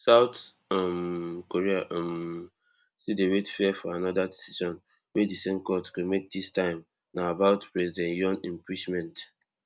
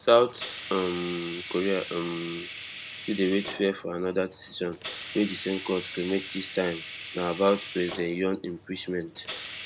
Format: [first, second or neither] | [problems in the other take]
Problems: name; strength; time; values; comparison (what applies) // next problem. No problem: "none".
first | background sound (Hiss); 12 dB below the speech